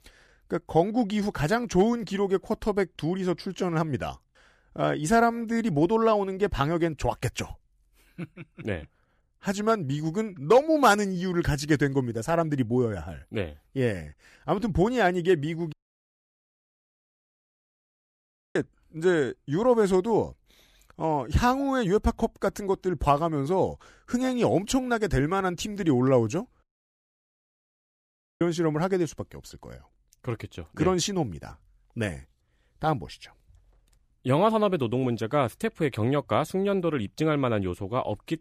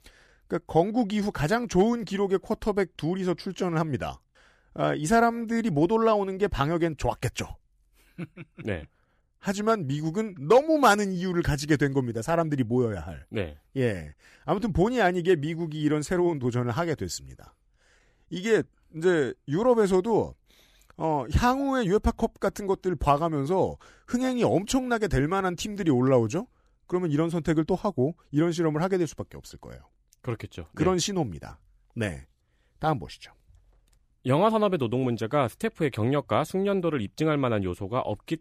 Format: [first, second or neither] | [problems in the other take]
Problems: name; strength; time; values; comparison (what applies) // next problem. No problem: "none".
second | audio cutting out; at 16 s for 3 s and at 27 s for 2 s